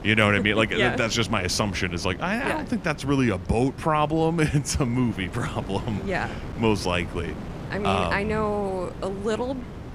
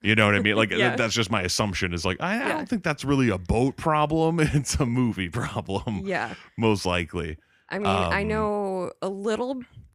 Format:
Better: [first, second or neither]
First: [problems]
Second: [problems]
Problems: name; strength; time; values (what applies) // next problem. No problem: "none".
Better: second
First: wind noise on the microphone; occasional gusts; 15 dB below the speech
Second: none